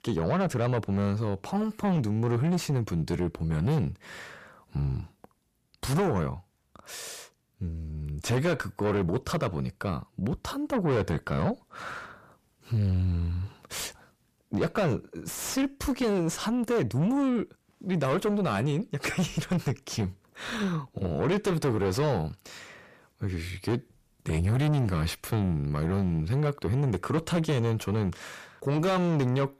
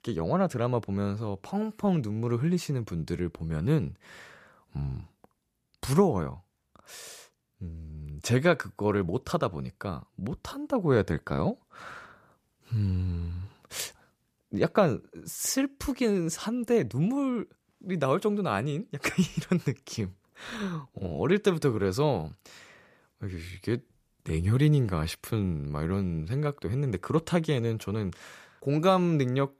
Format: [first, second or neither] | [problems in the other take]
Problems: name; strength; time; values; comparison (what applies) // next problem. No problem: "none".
second | distortion; heavy; 7 dB below the speech